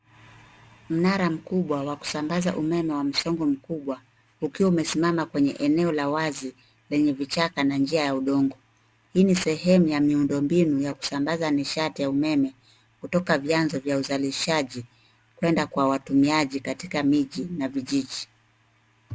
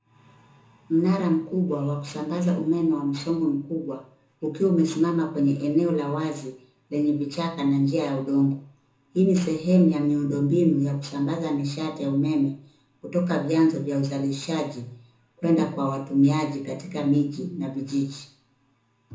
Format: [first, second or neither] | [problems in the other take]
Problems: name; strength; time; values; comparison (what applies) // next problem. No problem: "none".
first | room echo; dies away in 0.6 s